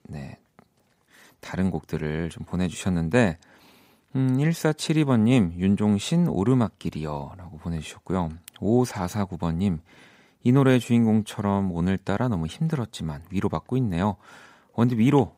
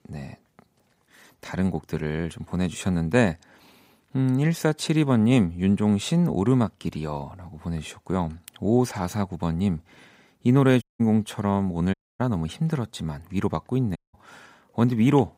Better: first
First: none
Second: audio cutting out; at 11 s, at 12 s and at 14 s

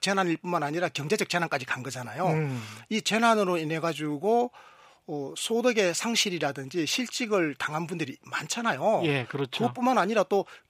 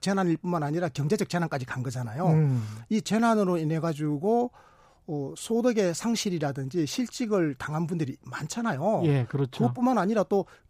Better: second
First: thin; very slightly; fading below 1 kHz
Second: none

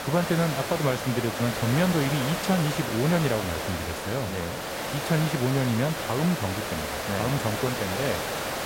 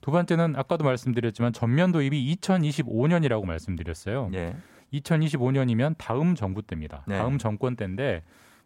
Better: second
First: hiss; loud; throughout; 3 dB below the speech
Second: none

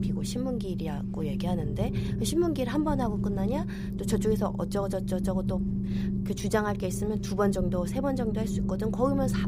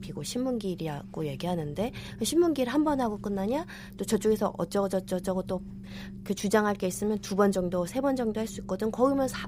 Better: second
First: low rumble; loud; throughout; 7 dB below the speech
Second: low rumble; faint; throughout; 20 dB below the speech

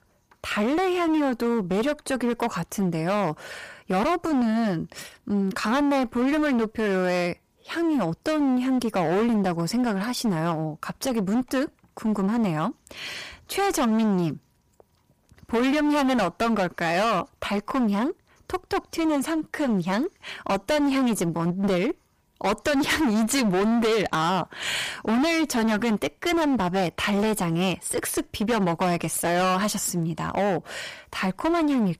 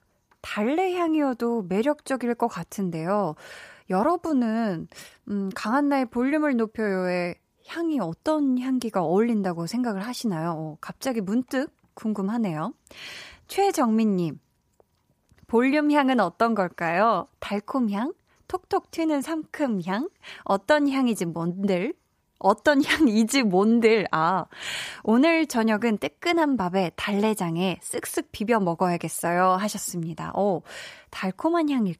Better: second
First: distortion; heavy; 22% of the sound clipped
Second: none

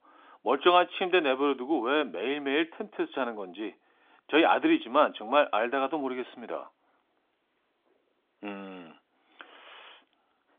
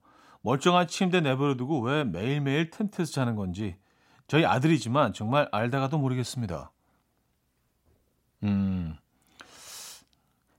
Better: second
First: phone-call audio; nothing above 3.5 kHz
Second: none

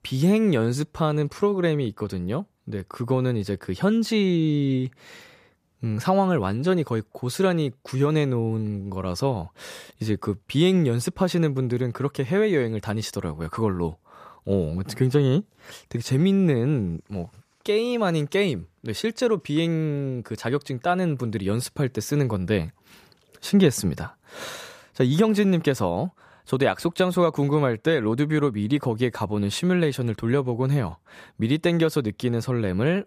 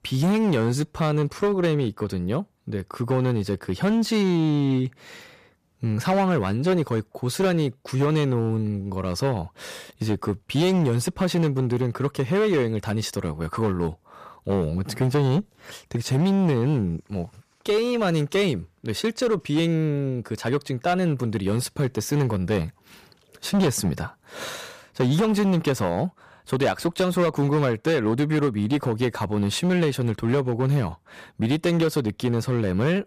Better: first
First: none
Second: distortion; slight; 10% of the sound clipped

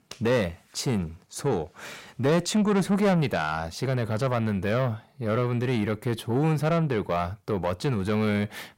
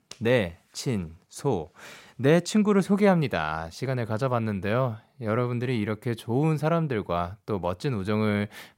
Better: second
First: distortion; slight; 10 dB below the speech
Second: none

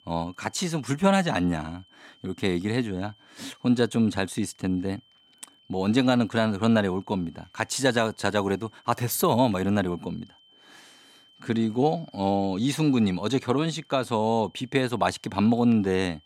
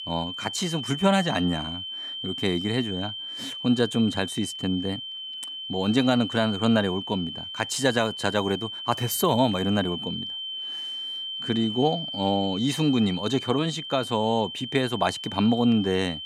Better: first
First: high-pitched whine; faint; throughout; 3 kHz, 30 dB below the speech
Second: high-pitched whine; loud; throughout; 3 kHz, 7 dB below the speech

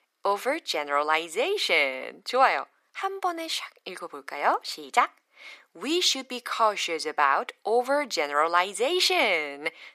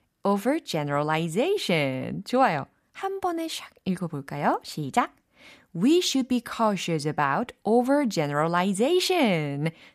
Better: second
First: thin; very; fading below 400 Hz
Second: none

